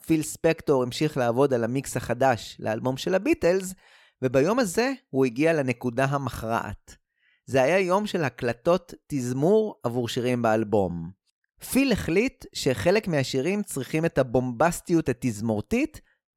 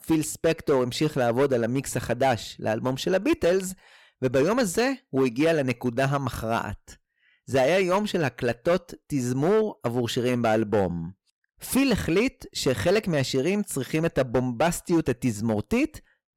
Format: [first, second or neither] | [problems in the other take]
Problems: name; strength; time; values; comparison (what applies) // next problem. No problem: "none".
first | distortion; slight; 6% of the sound clipped